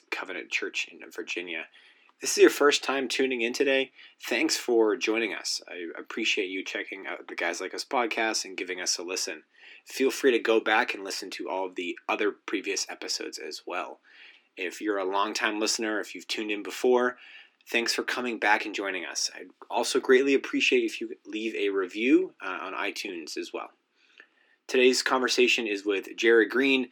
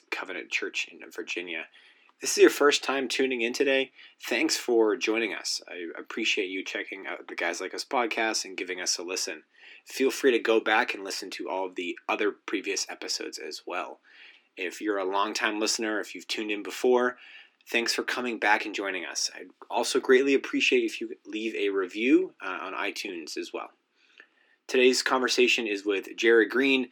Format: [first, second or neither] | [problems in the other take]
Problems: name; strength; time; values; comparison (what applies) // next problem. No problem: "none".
neither | thin; somewhat; fading below 300 Hz; the same in both